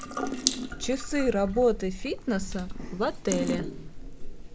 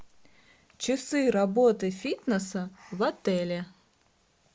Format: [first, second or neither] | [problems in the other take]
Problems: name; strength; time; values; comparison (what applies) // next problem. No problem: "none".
second | background sound (Drip / Sink (filling or washing) / Water tap, faucet); 3 dB below the speech